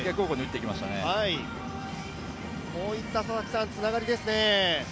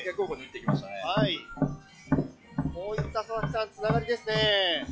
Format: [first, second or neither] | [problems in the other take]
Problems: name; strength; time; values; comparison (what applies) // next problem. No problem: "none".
first | noise reduction (classical method log-MMSE)